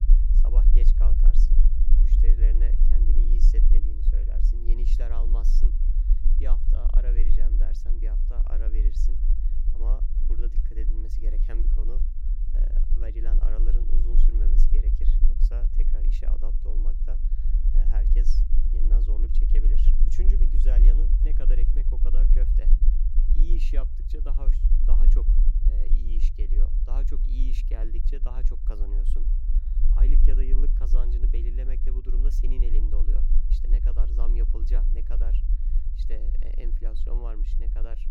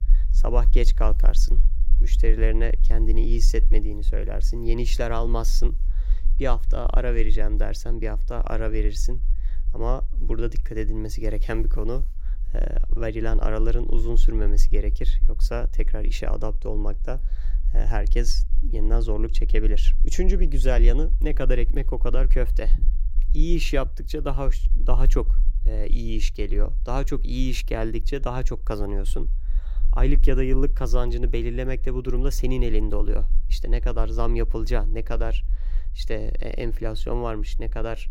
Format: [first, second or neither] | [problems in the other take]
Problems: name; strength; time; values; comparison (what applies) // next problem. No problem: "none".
second | low rumble; loud; throughout; 3 dB below the speech; faint in the second